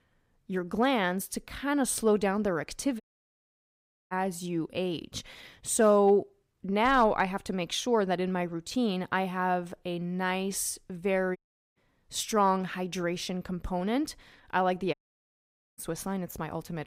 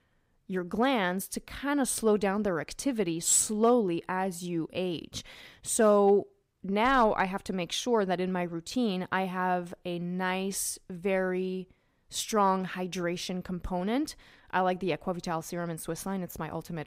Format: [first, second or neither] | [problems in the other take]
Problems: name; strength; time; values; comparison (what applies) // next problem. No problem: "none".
second | audio cutting out; at 3 s for 1 s, at 11 s and at 15 s for 1 s